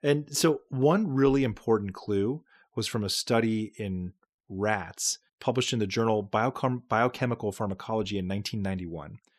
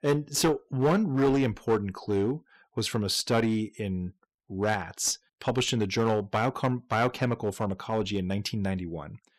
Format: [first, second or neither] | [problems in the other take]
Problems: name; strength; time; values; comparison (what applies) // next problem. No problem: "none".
first | distortion; slight; 4% of the sound clipped